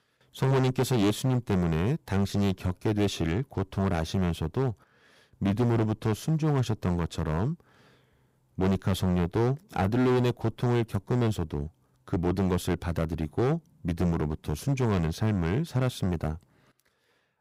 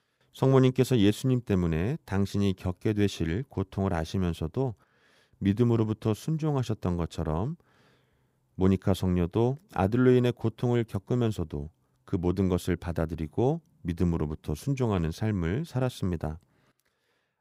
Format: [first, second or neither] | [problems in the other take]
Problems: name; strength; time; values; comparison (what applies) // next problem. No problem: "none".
second | distortion; heavy; 10% of the sound clipped